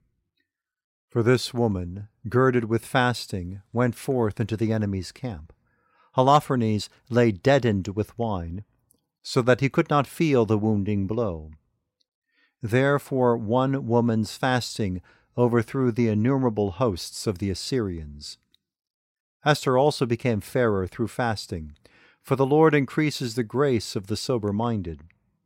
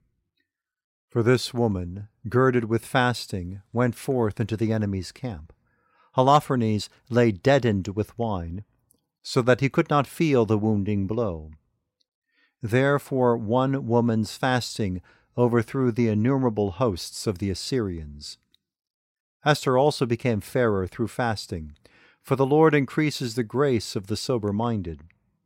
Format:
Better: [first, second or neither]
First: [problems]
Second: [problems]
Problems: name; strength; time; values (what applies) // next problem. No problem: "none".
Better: neither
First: none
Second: none